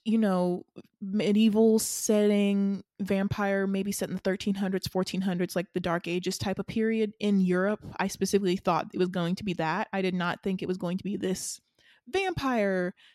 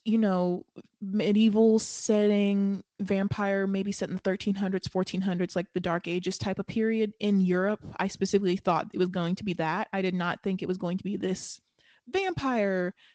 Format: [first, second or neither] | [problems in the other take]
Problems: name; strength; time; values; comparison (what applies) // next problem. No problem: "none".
first | garbled, watery; slightly